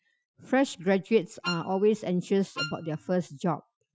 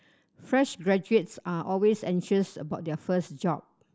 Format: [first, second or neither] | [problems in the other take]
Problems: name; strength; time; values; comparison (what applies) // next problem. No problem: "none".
second | noise reduction (classical method Wiener filter)